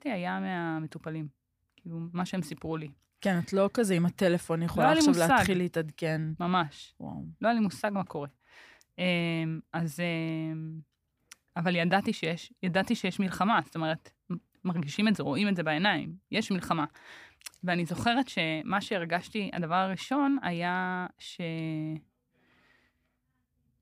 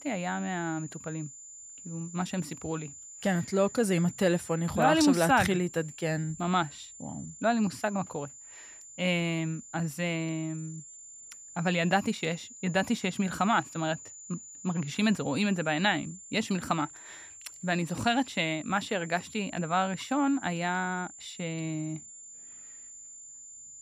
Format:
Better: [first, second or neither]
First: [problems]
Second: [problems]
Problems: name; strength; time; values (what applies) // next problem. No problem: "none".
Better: first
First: none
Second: high-pitched whine; noticeable; throughout; 7 kHz, 15 dB below the speech